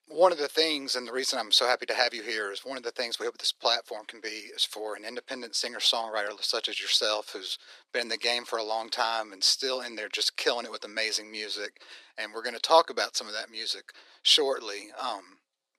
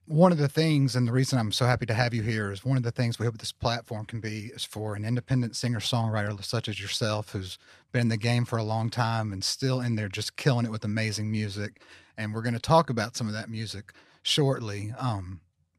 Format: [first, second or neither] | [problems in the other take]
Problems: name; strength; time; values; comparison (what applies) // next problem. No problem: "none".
second | thin; very; fading below 350 Hz